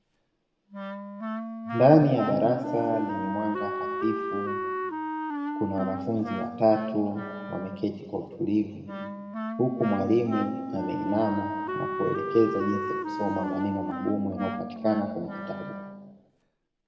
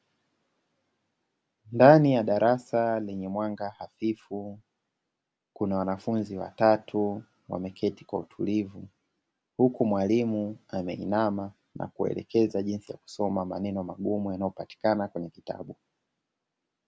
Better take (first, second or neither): second